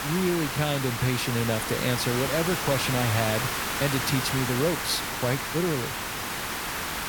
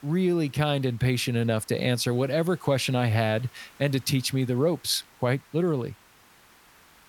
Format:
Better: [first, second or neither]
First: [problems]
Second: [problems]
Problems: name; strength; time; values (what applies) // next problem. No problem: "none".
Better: second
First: hiss; loud; throughout; 1 dB below the speech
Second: hiss; faint; throughout; 25 dB below the speech